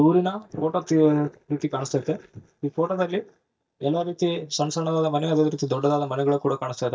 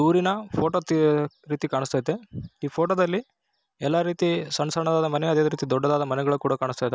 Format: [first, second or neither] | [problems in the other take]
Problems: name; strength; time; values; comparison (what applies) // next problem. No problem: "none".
second | noise reduction (neural mask model DeepFilterNet 3)